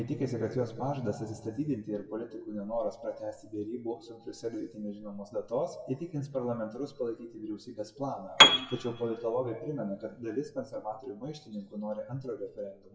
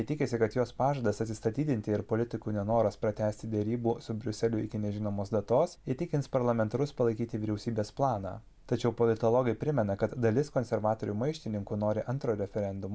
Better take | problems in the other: second | noise reduction (classical method WPE with log-MMSE)

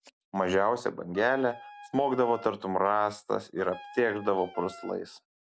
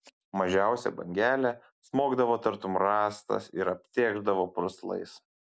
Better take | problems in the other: second | background sound (Wind instrument, woodwind instrument); 19 dB below the speech

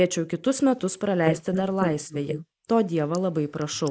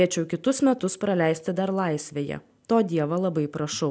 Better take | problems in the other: second | noise reduction (neural mask model Resemble Enhance denoiser)

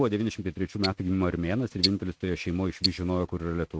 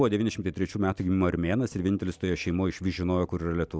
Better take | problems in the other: second | noise reduction (neural mask model RNNoise)

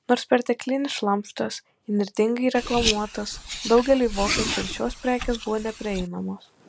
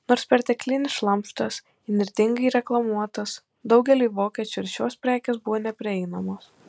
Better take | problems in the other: second | background sound (Car); 6 dB below the speech

